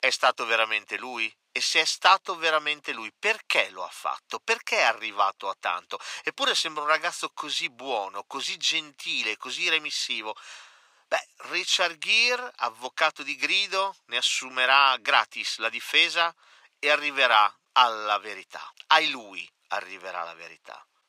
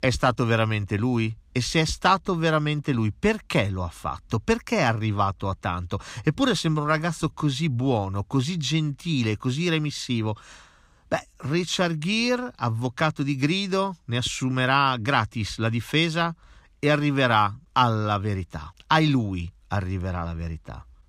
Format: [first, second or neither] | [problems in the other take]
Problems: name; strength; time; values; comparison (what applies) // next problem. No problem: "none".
second | thin; very; fading below 600 Hz